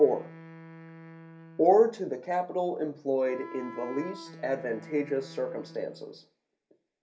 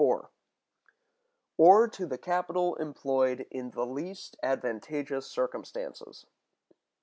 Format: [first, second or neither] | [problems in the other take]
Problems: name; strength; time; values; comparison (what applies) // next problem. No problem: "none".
second | background sound (Wind instrument, woodwind instrument); 18 dB below the speech // room echo; dies away in 0.3 s